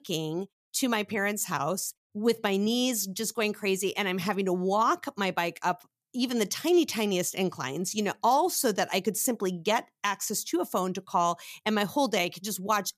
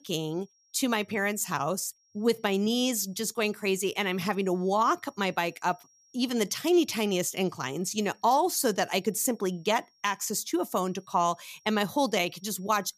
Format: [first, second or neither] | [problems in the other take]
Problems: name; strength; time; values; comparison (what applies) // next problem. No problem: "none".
first | high-pitched whine; faint; throughout; 5.5 kHz, 35 dB below the speech